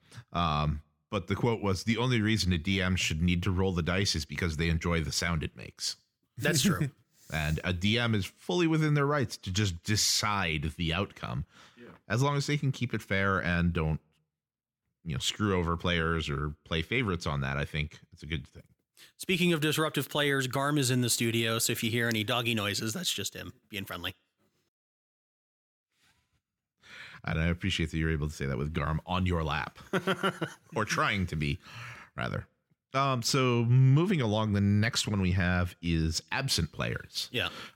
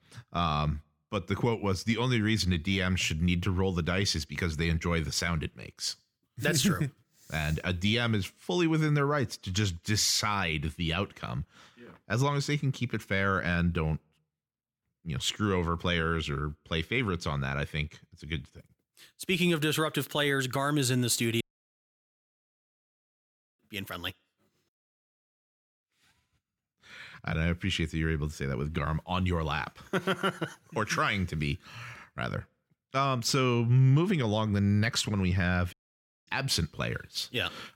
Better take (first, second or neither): first